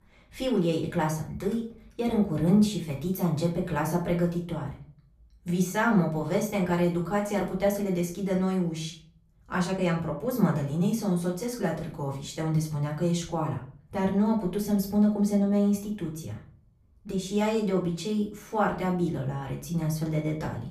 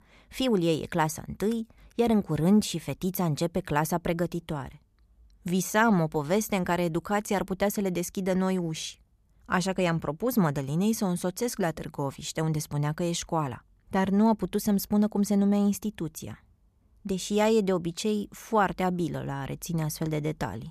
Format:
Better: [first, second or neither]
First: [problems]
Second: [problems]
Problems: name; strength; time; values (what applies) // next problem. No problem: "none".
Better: second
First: off-mic speech; far // room echo; slight; dies away in 0.4 s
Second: none